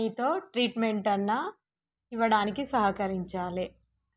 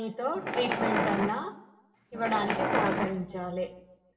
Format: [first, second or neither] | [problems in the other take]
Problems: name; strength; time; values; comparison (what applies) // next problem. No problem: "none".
first | background sound (Wild animals); 1 dB above the speech // room echo; dies away in 0.8 s